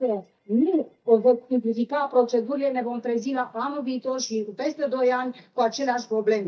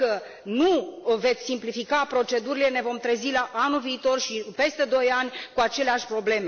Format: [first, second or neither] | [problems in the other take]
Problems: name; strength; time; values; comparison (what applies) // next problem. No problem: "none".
second | noise reduction (neural mask model DeepFilterNet 3)